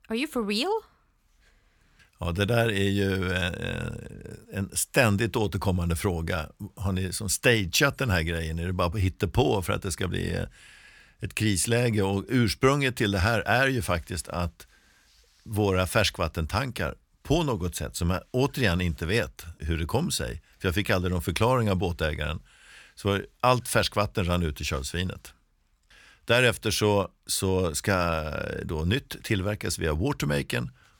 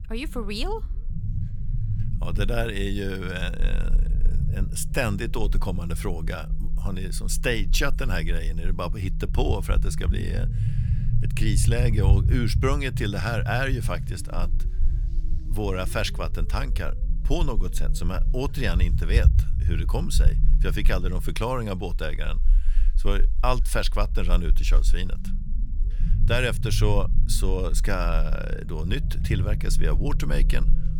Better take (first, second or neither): first